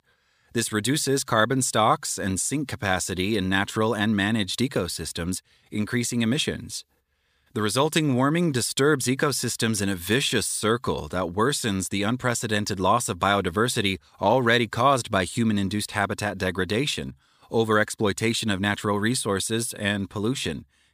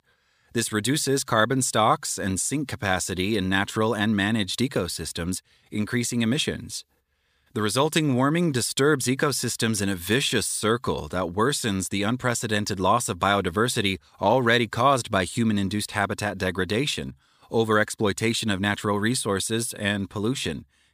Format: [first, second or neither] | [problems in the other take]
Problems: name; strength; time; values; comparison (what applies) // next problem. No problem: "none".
neither | thin; somewhat; fading below 400 Hz; the same in both